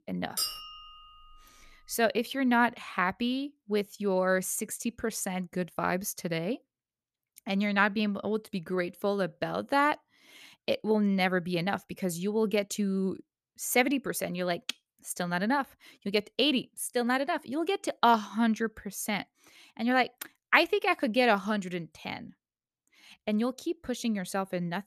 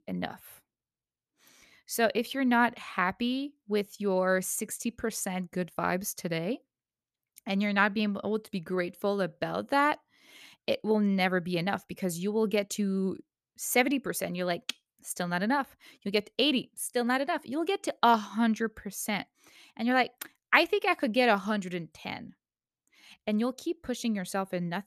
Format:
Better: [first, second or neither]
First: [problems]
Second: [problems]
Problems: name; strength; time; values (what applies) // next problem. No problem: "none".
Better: second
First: clattering dishes; noticeable; at 0.5 s; peak 2 dB below the speech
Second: none